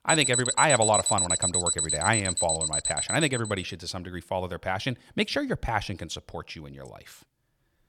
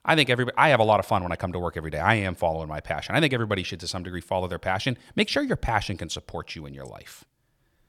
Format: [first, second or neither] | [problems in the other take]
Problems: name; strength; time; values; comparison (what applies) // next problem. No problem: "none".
second | alarms or sirens; very faint; until 3.5 s; 3 dB above the speech